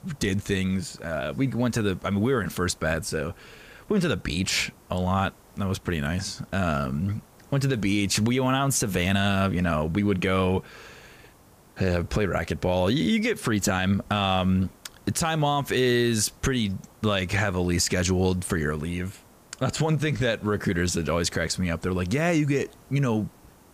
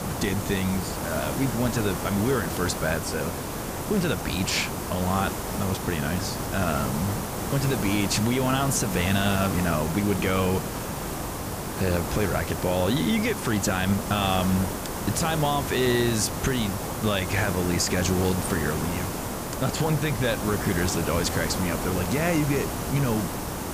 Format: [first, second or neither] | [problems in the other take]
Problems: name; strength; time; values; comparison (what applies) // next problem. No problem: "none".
first | hiss; loud; throughout; 4 dB below the speech; faint in the first